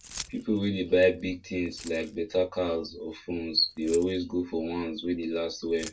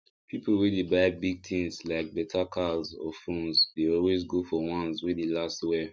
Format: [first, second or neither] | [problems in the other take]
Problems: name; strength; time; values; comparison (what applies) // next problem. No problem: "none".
second | background sound (Keys jangling); 20 dB below the speech // room echo; dies away in 0.1 s